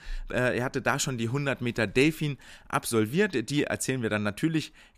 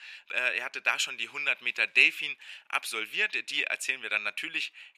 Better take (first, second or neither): first